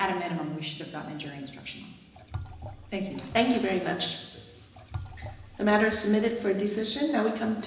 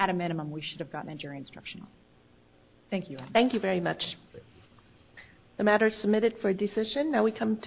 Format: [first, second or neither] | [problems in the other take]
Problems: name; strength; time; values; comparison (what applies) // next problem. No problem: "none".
second | background sound (Liquid); 15 dB below the speech // room echo; dies away in 1 s